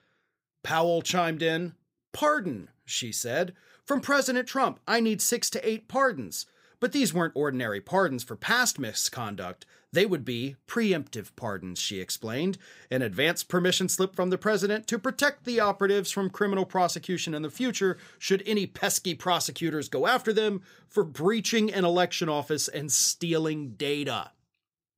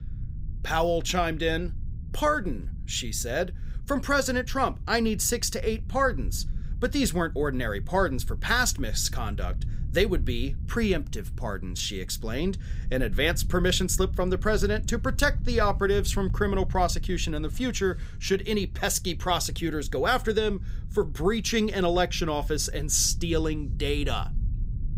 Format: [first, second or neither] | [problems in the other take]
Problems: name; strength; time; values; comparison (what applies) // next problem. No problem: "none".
first | low rumble; faint; throughout; 25 dB below the speech